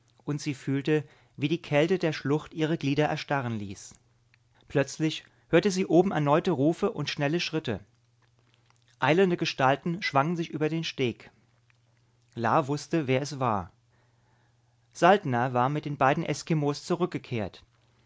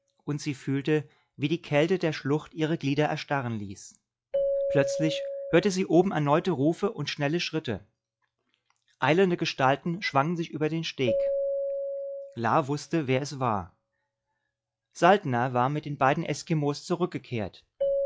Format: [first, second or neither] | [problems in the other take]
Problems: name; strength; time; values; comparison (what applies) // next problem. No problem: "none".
first | noise reduction (classical method log-MMSE)